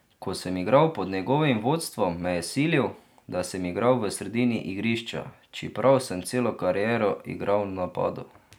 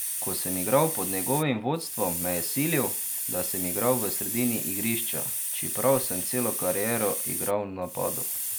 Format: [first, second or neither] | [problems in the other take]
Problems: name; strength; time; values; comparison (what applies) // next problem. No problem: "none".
first | background sound (Hiss); 2 dB below the speech